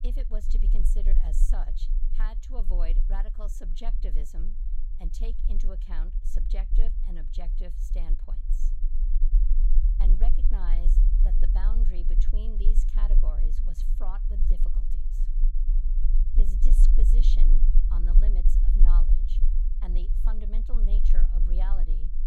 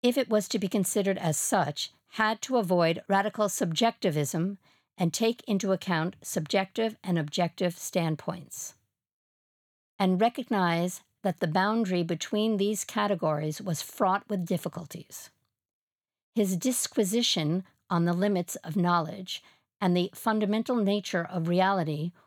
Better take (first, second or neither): second